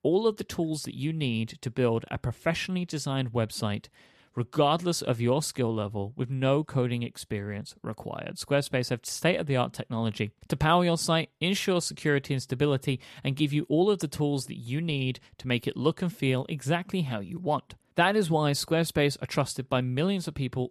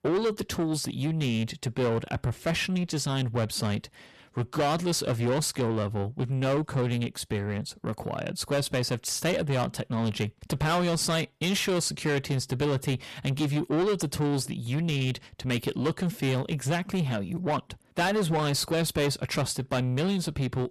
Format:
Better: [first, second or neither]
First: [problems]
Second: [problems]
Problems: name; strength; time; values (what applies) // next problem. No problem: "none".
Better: first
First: none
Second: distortion; heavy; 8 dB below the speech